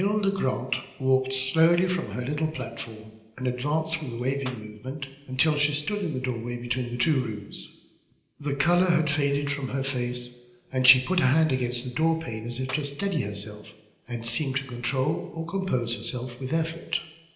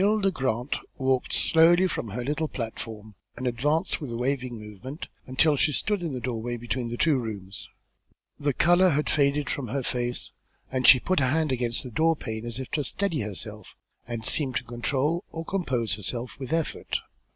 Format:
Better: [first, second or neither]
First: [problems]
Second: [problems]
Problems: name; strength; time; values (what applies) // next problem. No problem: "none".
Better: second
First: background sound (Clapping); 15 dB below the speech // room echo; dies away in 0.9 s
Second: none